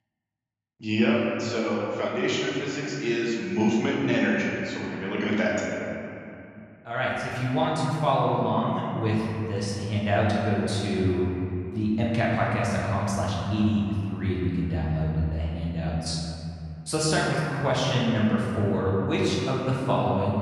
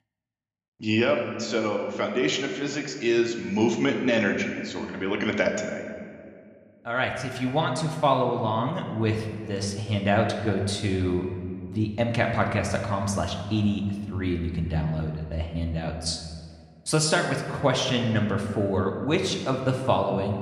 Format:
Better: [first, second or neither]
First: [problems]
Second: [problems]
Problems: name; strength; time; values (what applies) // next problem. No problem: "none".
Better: second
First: room echo; strong; dies away in 2.8 s // off-mic speech; far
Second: room echo; slight; dies away in 1.6 s